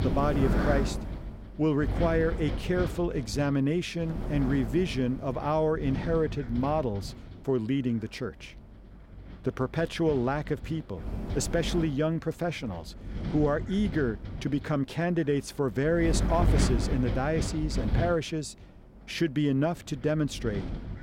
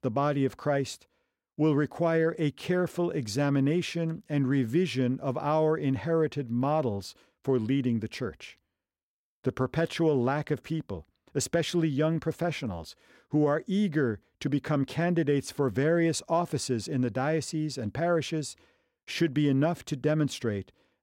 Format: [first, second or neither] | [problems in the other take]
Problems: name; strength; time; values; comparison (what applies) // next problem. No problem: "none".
second | wind noise on the microphone; heavy; 9 dB below the speech